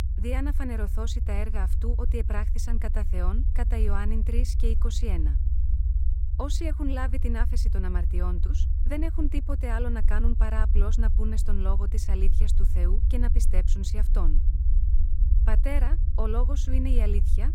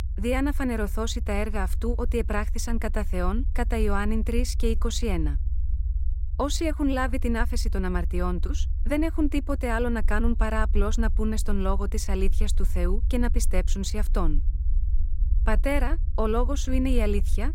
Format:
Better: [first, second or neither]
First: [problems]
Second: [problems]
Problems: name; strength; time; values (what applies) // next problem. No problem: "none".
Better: second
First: low rumble; loud; throughout; 9 dB below the speech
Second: low rumble; faint; throughout; 20 dB below the speech